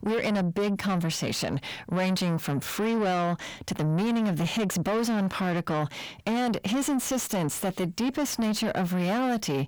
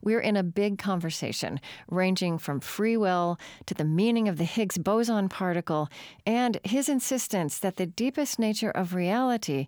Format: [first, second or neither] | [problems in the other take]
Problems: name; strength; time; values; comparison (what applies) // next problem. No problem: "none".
second | distortion; heavy; 8 dB below the speech